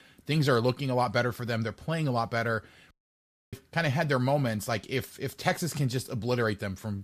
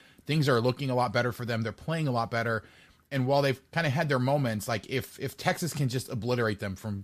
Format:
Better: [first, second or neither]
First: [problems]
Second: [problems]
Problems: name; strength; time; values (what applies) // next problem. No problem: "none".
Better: second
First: audio cutting out; at 3 s for 0.5 s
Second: none